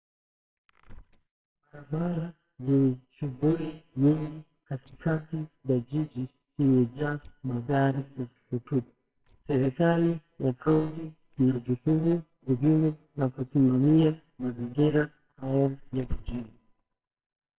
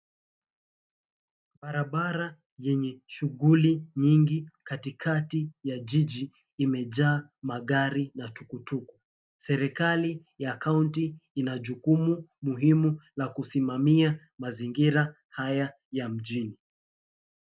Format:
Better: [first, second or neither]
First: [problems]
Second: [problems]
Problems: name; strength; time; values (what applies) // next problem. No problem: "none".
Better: second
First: noise reduction (neural separator model SepFormer WHAMR!)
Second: none